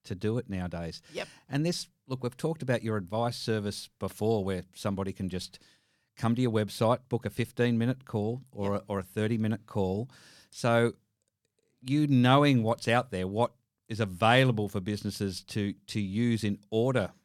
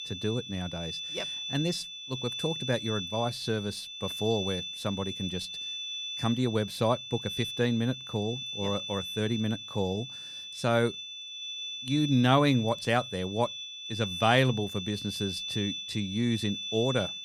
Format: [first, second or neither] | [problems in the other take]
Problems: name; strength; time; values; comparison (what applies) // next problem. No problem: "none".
first | high-pitched whine; loud; throughout; 3.5 kHz, 6 dB below the speech